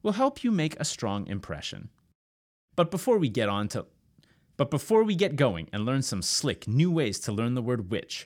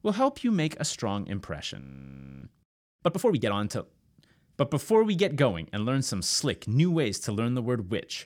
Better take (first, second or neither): first